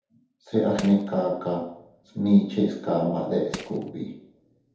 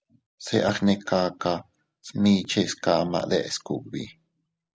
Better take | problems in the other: second | background sound (Crushing); 14 dB below the speech // room echo; dies away in 0.8 s

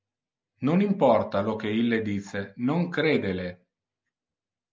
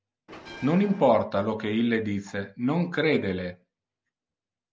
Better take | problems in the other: first | background sound (Bell); 16 dB below the speech

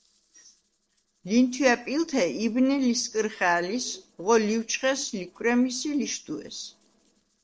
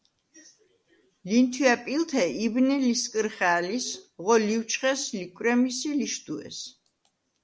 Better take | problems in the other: second | noise reduction (neural separator model SepFormer DNS4)

